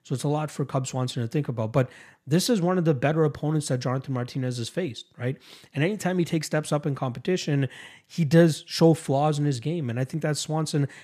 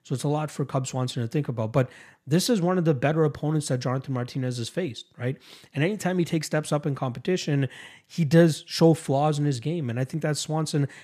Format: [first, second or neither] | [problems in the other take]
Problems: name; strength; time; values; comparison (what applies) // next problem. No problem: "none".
neither | none